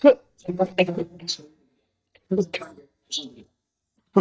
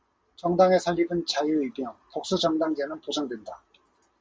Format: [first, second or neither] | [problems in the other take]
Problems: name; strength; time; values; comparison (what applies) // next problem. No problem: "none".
second | noise reduction (neural mask model DeepFilterNet 3)